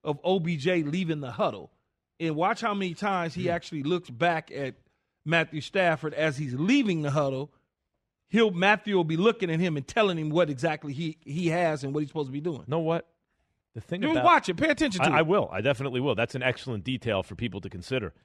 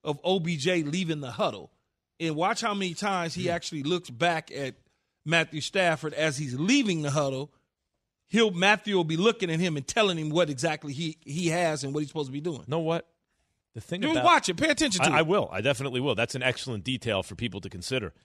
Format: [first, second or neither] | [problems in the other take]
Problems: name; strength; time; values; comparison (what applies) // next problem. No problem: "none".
second | muffled; slightly; fading above 3.5 kHz